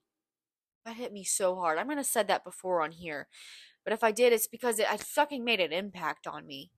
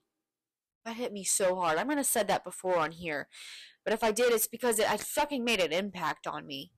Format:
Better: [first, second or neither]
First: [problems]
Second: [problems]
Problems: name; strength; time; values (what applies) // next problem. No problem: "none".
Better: first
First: none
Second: distortion; heavy; 7% of the sound clipped